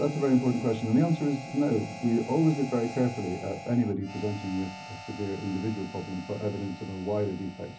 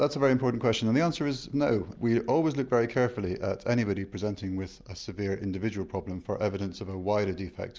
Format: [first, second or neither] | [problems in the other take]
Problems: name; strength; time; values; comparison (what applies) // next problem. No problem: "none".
second | background sound (Harmonica); 15 dB below the speech // room echo; dies away in 0.4 s